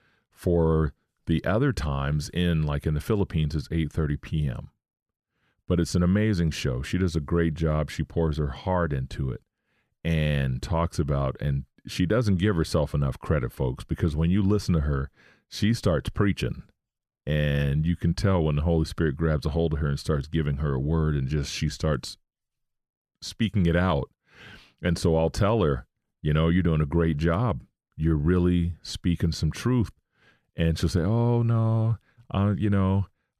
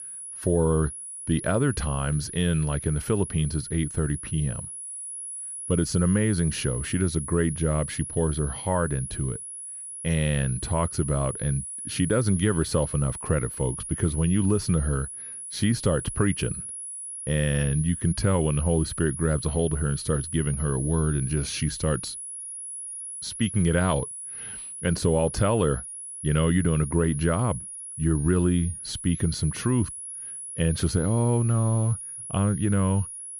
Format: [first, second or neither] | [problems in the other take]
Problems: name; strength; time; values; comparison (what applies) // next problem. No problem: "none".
first | high-pitched whine; loud; throughout; 10.5 kHz, 8 dB below the speech